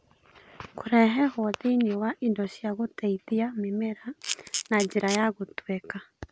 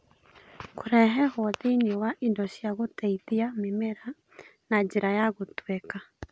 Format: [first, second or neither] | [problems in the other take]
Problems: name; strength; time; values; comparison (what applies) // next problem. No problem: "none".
second | background sound (Camera); 8 dB below the speech